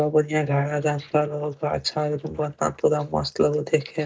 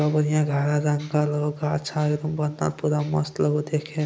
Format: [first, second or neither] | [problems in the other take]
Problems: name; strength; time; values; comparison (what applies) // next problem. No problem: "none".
second | noise reduction (neural mask model DeepFilterNet 3)